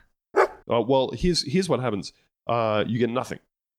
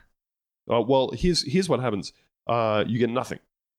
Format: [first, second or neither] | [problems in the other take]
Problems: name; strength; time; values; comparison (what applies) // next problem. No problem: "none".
second | dog barking; loud; at 0.5 s; peak 1 dB above the speech